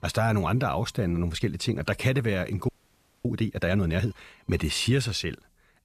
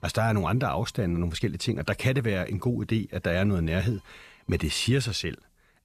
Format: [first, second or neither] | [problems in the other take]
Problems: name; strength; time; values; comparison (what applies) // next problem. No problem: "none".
second | audio freezing; at 2.5 s for 0.5 s